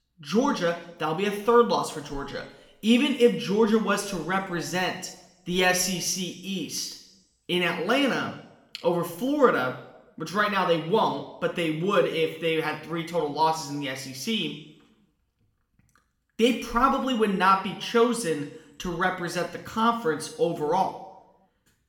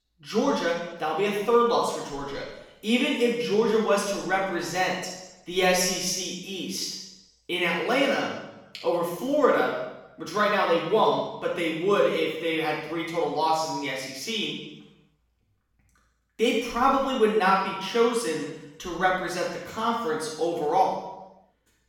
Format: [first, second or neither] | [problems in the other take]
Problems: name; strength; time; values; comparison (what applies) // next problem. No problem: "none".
first | room echo; strong; dies away in 0.8 s; slight in the first // off-mic speech; far; somewhat distant in the first